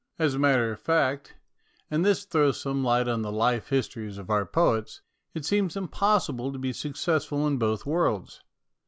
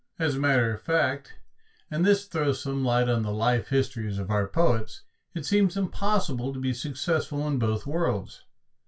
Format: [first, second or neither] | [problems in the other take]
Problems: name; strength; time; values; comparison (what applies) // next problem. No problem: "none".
first | room echo; dies away in 0.2 s